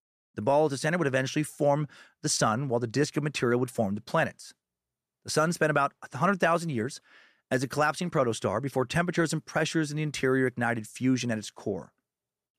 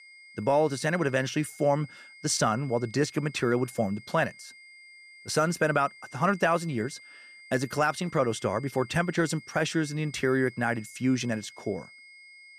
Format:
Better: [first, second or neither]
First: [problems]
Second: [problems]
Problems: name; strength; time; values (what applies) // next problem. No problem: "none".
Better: first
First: none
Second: high-pitched whine; faint; throughout; 2 kHz, 20 dB below the speech